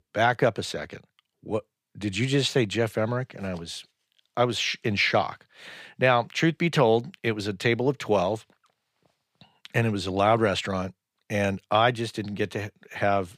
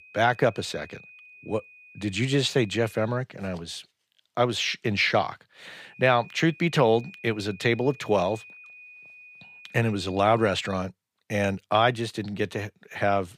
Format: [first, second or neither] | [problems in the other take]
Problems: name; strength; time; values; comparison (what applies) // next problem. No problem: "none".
first | high-pitched whine; faint; until 3 s and from 6 to 11 s; 2.5 kHz, 20 dB below the speech